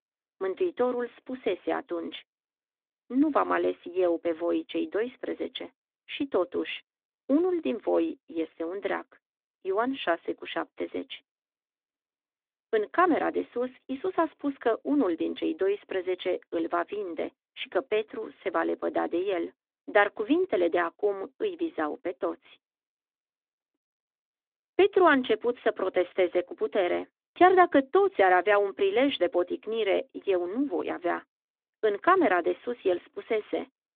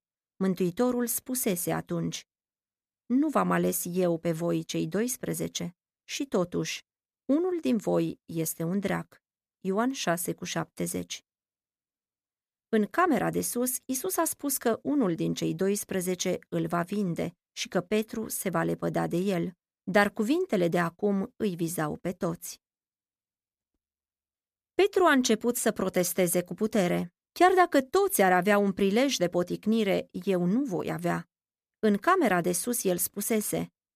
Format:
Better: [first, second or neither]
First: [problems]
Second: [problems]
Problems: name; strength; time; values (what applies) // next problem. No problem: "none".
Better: second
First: phone-call audio; nothing above 3.5 kHz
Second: none